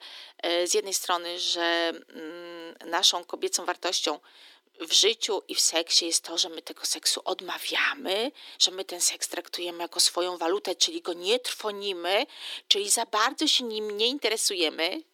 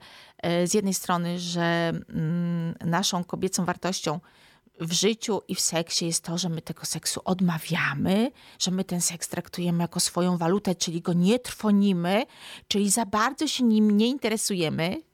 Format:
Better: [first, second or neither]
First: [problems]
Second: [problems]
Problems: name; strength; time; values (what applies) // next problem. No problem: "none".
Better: second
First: thin; very; fading below 300 Hz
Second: none